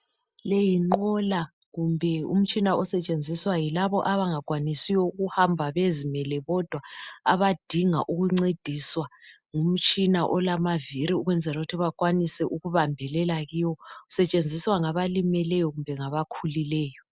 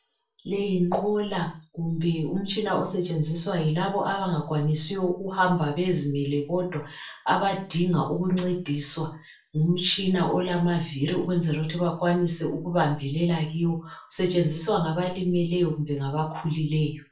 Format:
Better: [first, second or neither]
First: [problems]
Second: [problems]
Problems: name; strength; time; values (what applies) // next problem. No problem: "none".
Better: first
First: none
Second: room echo; dies away in 0.3 s